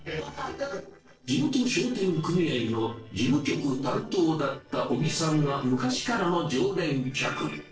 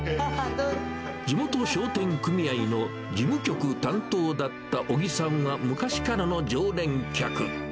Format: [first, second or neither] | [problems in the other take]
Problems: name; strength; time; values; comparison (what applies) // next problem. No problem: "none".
second | noise reduction (neural separator model SepFormer DNS4)